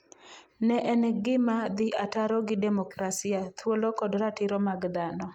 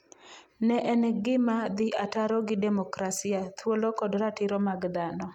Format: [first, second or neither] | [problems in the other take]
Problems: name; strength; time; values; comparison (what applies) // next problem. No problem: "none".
second | noise reduction (neural mask model Resemble Enhance denoiser)